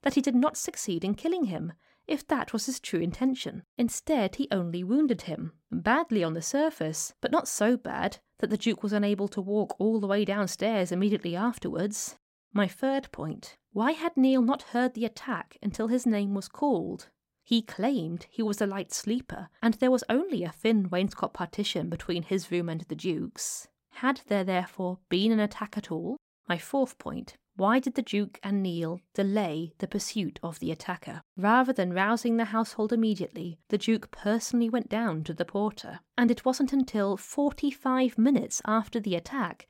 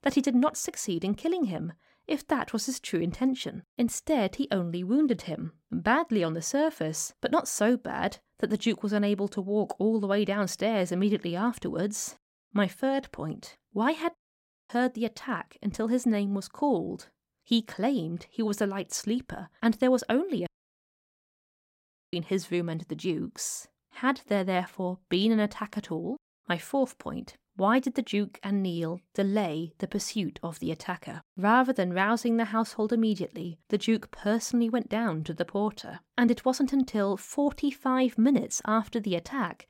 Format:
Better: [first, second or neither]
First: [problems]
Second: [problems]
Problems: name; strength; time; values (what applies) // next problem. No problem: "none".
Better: first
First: none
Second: audio cutting out; at 14 s for 0.5 s and at 20 s for 1.5 s